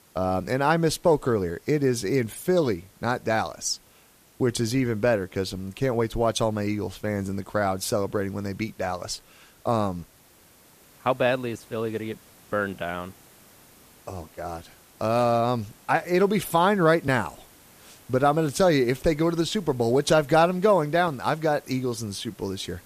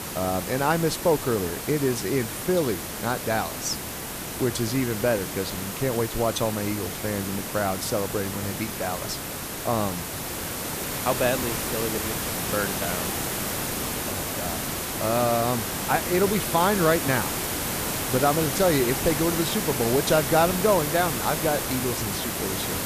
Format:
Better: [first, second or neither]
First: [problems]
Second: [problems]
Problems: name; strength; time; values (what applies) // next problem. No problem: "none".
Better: first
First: hiss; faint; throughout; 30 dB below the speech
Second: hiss; loud; throughout; 2 dB below the speech